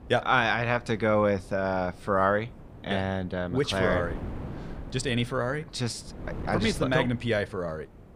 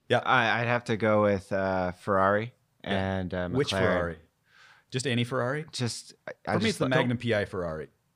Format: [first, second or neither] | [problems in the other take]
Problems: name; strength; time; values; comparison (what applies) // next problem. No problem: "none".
second | wind noise on the microphone; occasional gusts; 20 dB below the speech